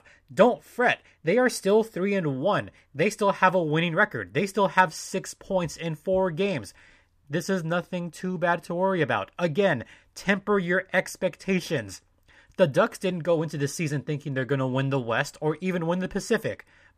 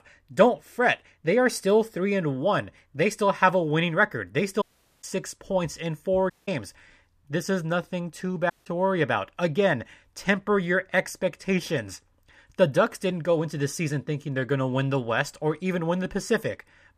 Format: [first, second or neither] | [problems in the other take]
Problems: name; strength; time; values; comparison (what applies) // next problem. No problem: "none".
first | audio cutting out; at 4.5 s, at 6.5 s and at 8.5 s